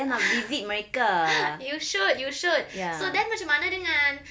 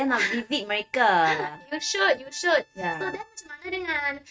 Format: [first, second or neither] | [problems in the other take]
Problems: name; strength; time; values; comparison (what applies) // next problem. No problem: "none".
first | noise reduction (neural mask model RNNoise)